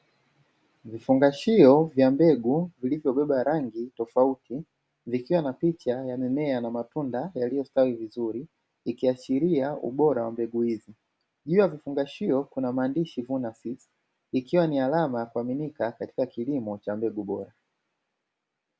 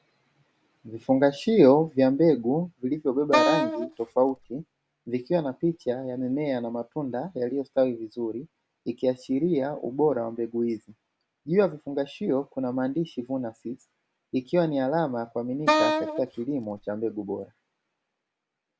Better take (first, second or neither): first